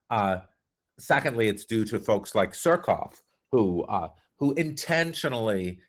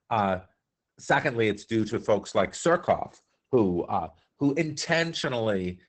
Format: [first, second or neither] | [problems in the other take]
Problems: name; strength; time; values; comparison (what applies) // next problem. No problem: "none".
first | garbled, watery; badly; nothing above 8 kHz; slightly in the first